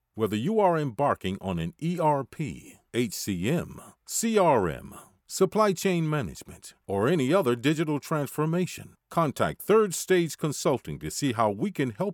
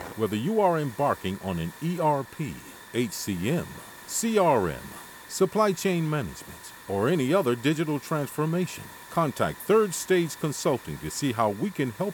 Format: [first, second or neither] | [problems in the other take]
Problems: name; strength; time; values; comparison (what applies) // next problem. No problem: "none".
first | hiss; noticeable; throughout; 15 dB below the speech